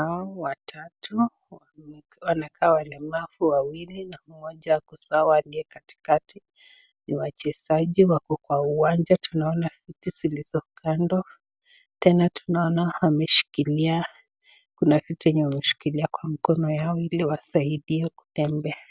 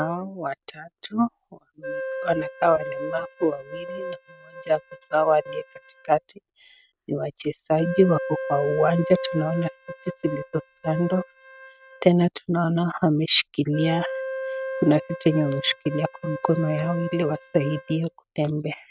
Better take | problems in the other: first | noise reduction (neural mask model RNNoise)

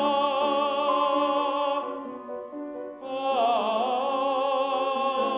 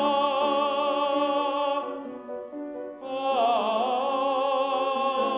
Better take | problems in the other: second | background sound (Piano); 11 dB below the speech

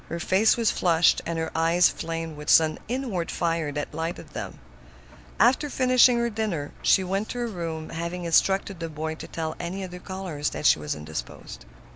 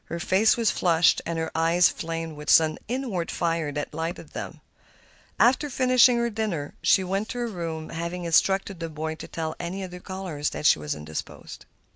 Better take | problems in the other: second | background sound (Engine); 19 dB below the speech

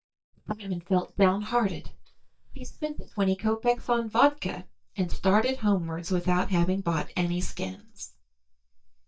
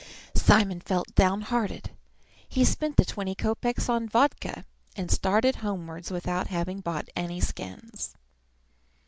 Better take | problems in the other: second | noise reduction (neural mask model DeepFilterNet 3)

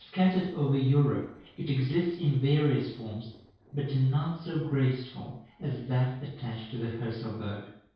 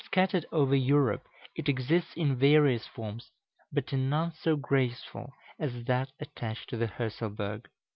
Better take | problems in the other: second | noise reduction (neural separator model SepFormer DNS4)

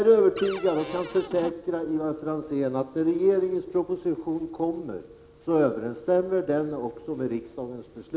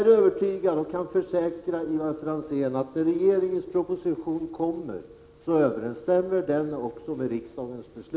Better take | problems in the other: second | background sound (Cupboard open or close); 13 dB below the speech

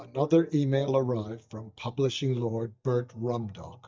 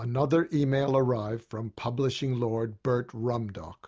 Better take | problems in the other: second | noise reduction (neural mask model DeepFilterNet 3)

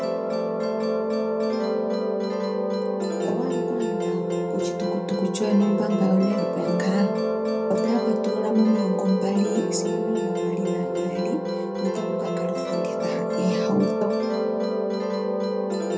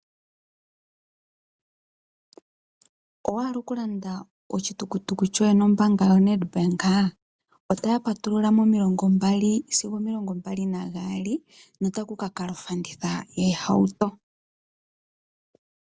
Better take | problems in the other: second | background sound (Musical instrument); 3 dB above the speech // room echo; dies away in 0.3 s

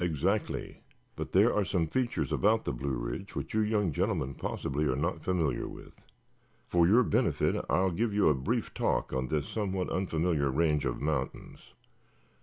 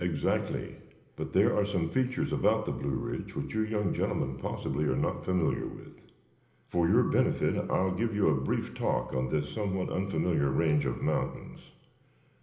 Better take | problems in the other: first | room echo; dies away in 1.1 s

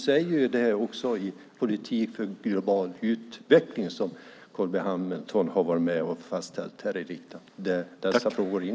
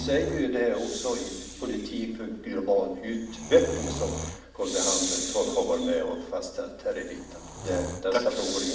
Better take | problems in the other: first | background sound (Breathing); 8 dB below the speech // room echo; dies away in 0.8 s

